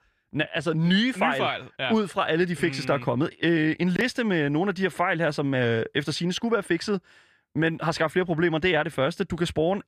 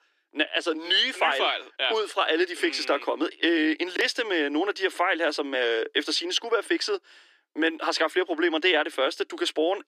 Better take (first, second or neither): first